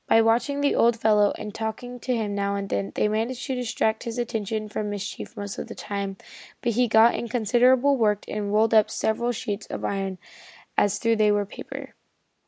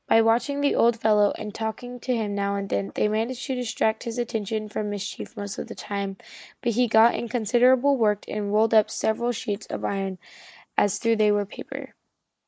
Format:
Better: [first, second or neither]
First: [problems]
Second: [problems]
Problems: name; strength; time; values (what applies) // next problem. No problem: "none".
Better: first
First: none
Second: noise reduction (neural mask model Resemble Enhance denoiser)